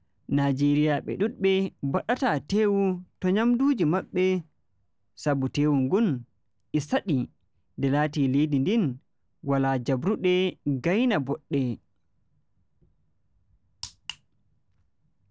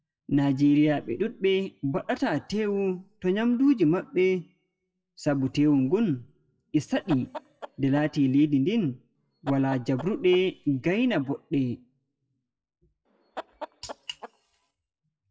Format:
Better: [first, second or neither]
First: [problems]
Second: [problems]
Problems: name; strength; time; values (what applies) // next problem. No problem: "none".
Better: first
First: none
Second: noise reduction (classical method WPE with log-MMSE)